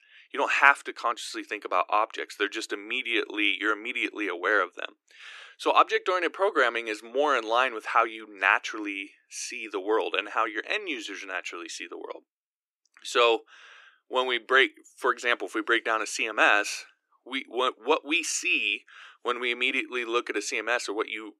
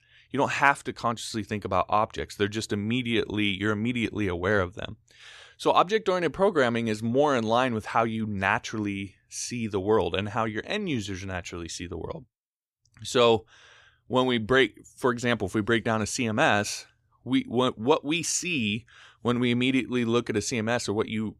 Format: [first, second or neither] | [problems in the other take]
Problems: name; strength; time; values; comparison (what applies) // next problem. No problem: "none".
second | thin; very; fading below 300 Hz